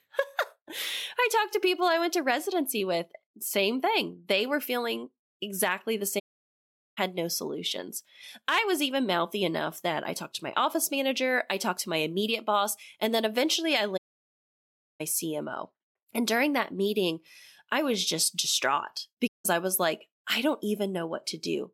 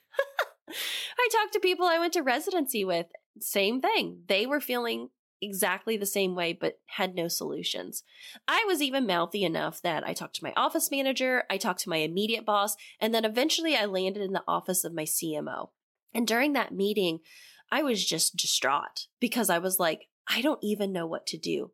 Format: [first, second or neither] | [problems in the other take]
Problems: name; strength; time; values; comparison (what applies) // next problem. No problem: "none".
second | audio cutting out; at 6 s for 1 s, at 14 s for 1 s and at 19 s